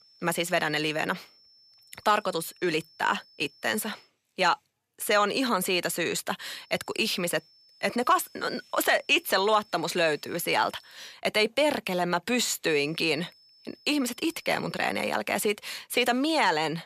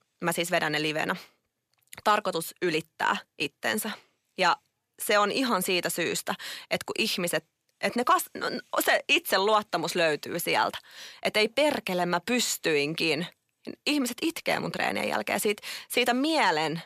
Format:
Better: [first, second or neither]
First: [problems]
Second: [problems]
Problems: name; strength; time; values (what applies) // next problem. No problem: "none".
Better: second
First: high-pitched whine; faint; until 4 s, from 6.5 to 11 s and from 13 to 15 s; 5.5 kHz, 30 dB below the speech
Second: none